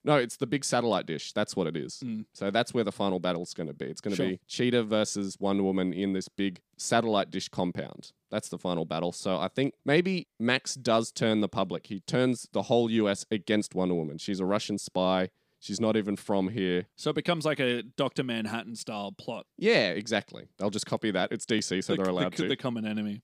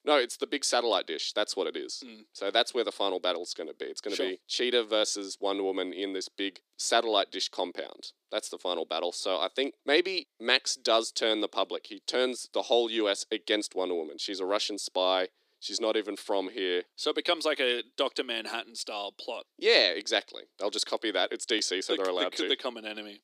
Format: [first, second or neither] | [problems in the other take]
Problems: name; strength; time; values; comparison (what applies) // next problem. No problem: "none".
first | thin; somewhat; fading below 300 Hz